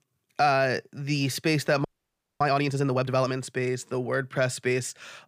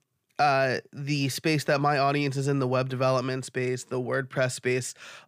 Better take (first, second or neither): second